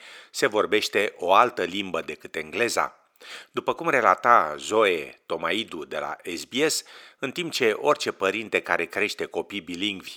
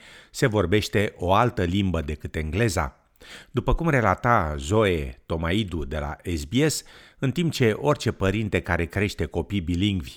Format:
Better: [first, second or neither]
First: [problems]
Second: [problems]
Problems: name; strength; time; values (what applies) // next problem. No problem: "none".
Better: second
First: thin; very; fading below 450 Hz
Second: none